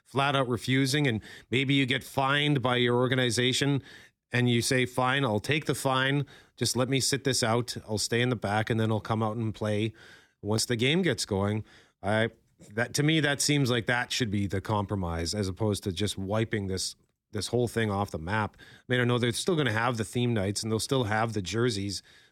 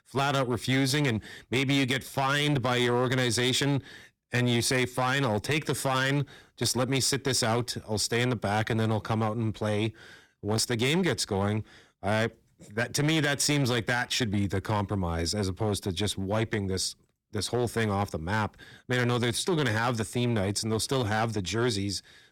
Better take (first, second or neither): first